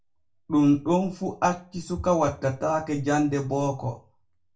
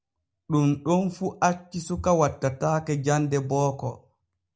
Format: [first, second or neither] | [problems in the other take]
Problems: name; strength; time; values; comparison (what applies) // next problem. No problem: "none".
second | room echo; dies away in 0.2 s